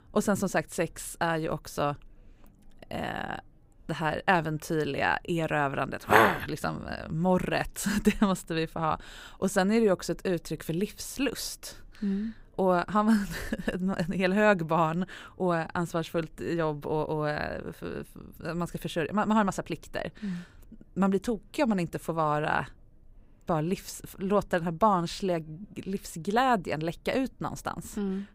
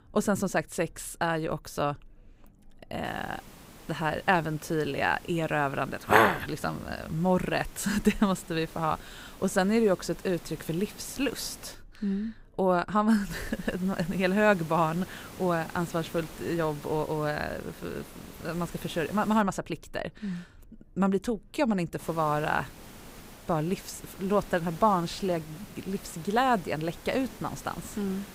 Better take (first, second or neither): first